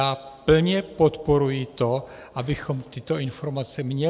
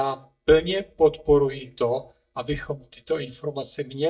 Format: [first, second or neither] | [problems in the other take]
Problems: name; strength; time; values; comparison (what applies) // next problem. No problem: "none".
first | noise reduction (neural mask model DeepFilterNet 3)